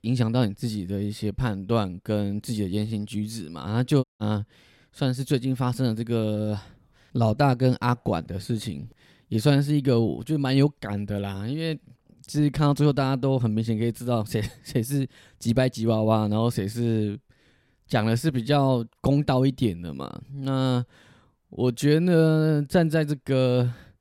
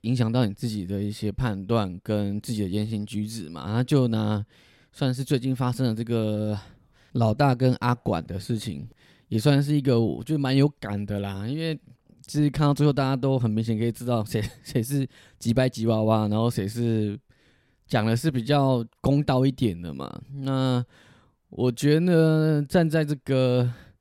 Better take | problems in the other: second | audio cutting out; at 4 s

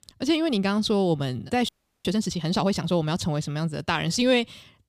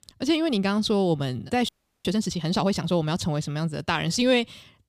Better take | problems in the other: neither | audio freezing; at 1.5 s; the same in both

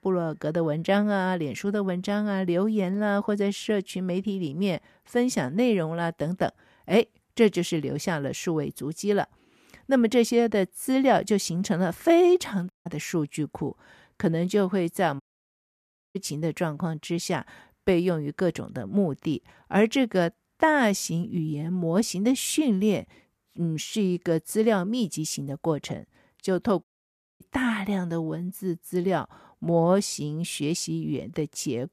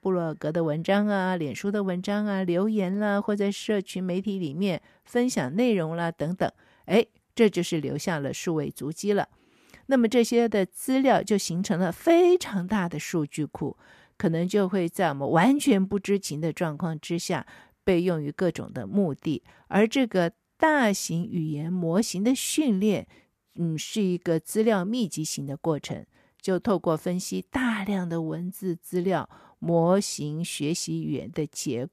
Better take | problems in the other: second | audio cutting out; at 13 s, at 15 s for 1 s and at 27 s for 0.5 s

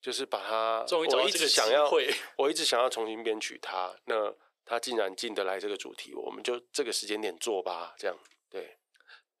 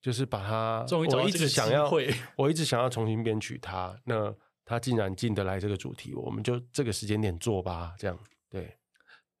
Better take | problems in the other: second | thin; very; fading below 350 Hz

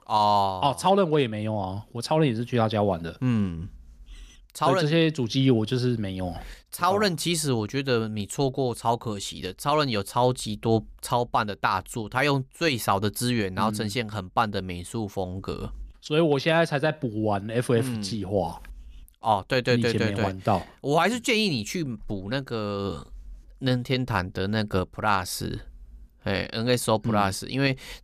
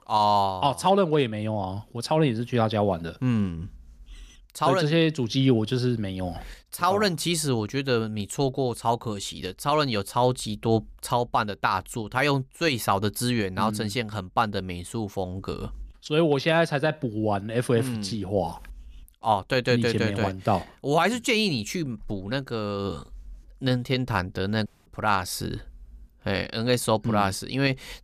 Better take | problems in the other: first | audio cutting out; at 25 s

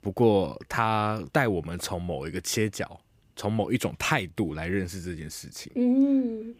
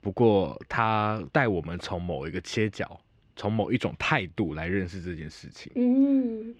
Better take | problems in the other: first | muffled; slightly; fading above 3 kHz

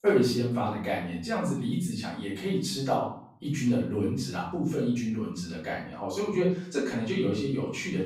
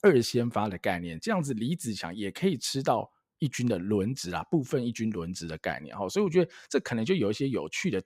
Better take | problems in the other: second | room echo; noticeable; dies away in 0.5 s // off-mic speech; far

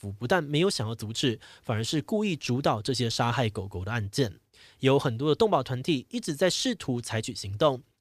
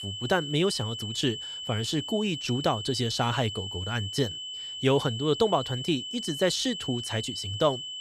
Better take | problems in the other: first | high-pitched whine; loud; throughout; 3 kHz, 6 dB below the speech

